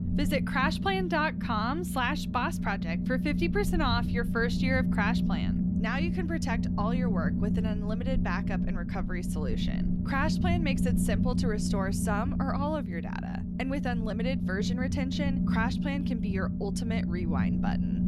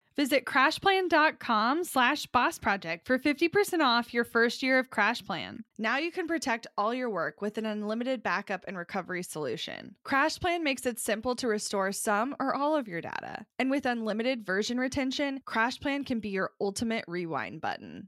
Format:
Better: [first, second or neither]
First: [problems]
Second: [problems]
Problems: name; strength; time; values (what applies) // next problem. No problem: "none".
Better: second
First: low rumble; loud; throughout; 6 dB below the speech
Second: none